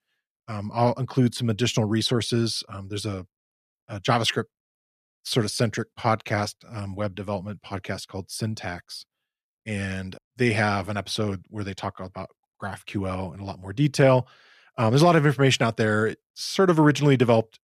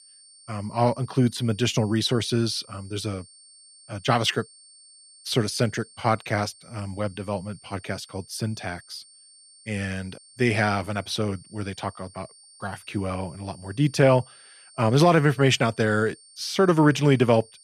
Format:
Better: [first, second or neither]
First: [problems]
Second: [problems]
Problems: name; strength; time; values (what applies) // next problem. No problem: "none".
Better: first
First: none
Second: high-pitched whine; faint; throughout; 8.5 kHz, 25 dB below the speech